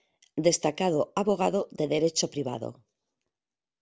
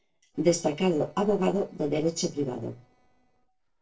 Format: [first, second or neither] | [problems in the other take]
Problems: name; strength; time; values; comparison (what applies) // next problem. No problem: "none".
first | noise reduction (neural separator model SepFormer DNS4)